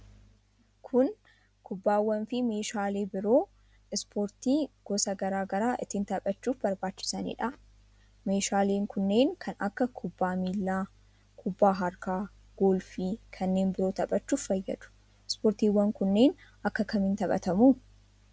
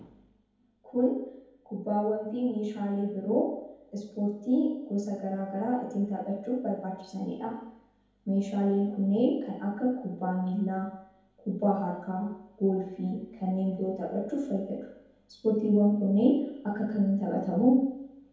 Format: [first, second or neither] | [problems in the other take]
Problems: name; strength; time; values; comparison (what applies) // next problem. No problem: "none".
first | room echo; dies away in 1.9 s